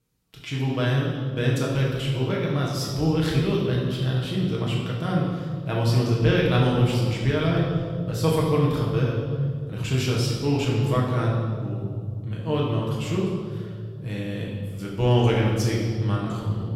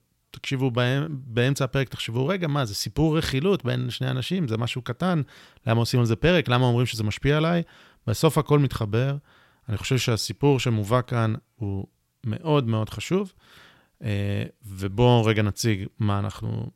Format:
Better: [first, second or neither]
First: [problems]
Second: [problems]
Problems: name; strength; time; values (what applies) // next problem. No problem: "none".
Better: second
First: room echo; noticeable; dies away in 1.8 s // off-mic speech; far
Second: none